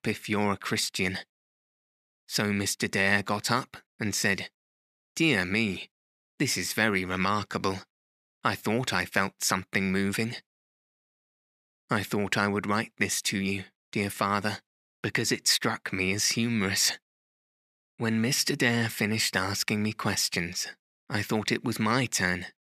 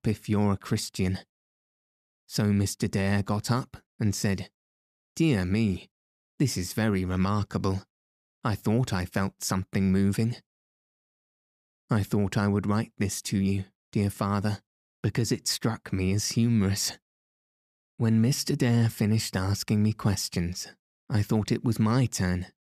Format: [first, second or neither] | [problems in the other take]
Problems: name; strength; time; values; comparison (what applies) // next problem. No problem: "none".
second | thin; somewhat; fading below 850 Hz